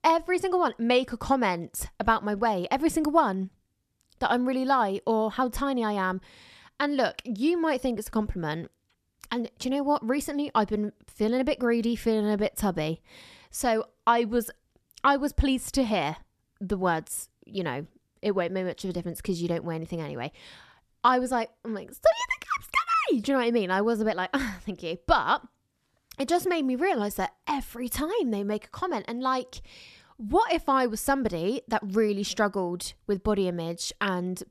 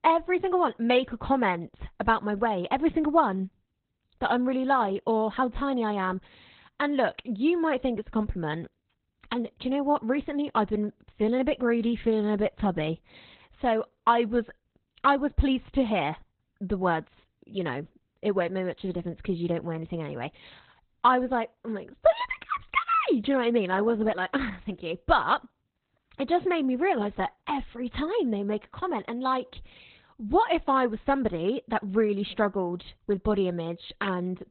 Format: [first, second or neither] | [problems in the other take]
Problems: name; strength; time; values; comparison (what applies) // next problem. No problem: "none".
first | garbled, watery; badly; nothing above 4 kHz